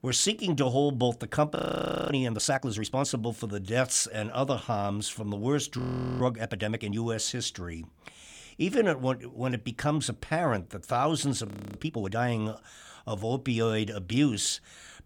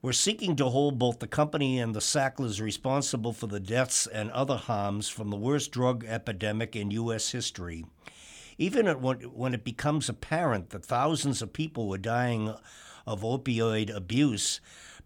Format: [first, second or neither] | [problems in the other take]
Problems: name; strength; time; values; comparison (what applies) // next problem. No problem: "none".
second | audio freezing; at 1.5 s for 0.5 s, at 6 s and at 11 s